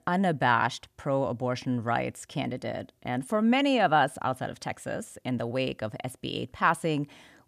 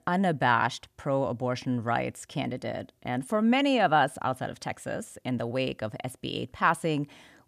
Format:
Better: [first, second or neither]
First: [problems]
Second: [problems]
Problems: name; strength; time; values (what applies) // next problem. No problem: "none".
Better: neither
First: none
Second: none